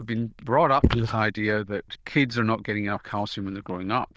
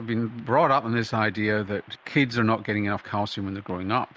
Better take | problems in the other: second | noise reduction (neural diffusion model UNIVERSE++)

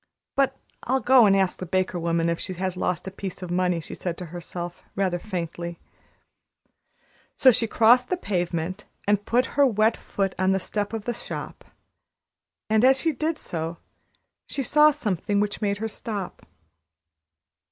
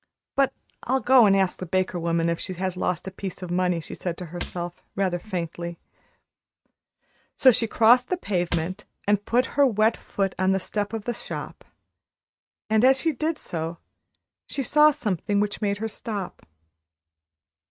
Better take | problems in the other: first | noise reduction (neural mask model RNNoise)

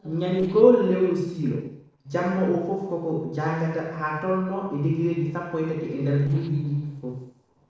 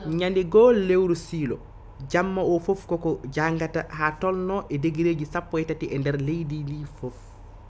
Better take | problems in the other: second | noise reduction (neural separator model SepFormer DNS4)

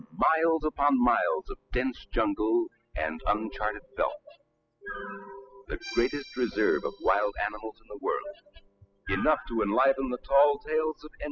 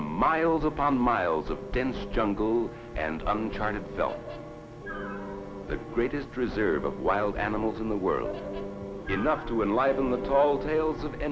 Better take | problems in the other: second | noise reduction (classical method spectral subtraction)

